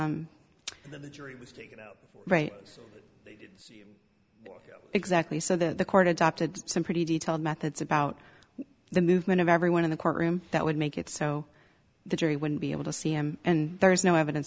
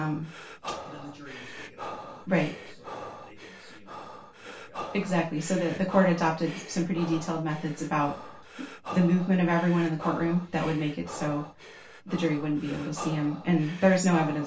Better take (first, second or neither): first